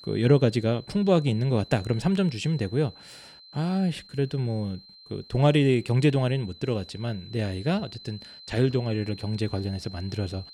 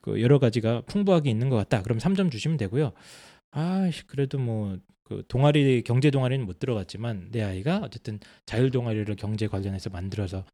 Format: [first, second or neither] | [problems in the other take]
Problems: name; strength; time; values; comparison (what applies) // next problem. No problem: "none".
second | high-pitched whine; noticeable; throughout; 4 kHz, 20 dB below the speech